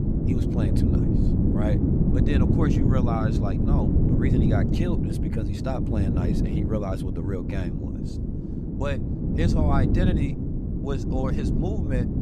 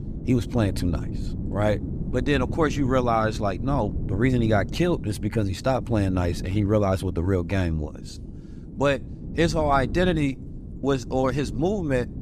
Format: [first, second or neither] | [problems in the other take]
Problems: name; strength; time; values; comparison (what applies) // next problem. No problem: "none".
second | wind noise on the microphone; heavy; 1 dB above the speech; occasional gusts in the second